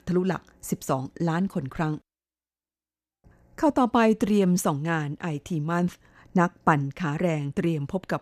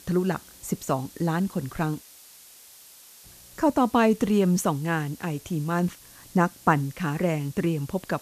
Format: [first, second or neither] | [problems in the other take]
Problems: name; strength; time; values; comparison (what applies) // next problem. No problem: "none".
first | hiss; faint; throughout; 20 dB below the speech